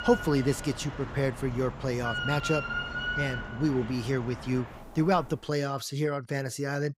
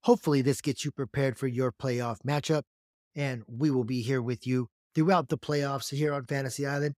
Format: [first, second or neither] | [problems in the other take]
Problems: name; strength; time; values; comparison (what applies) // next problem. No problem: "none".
second | machinery noise; loud; until 5.5 s; 6 dB below the speech